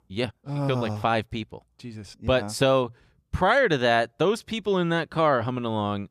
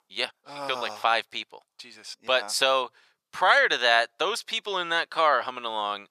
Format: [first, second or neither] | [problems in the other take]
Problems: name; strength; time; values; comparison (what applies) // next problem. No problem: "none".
first | thin; very; fading below 850 Hz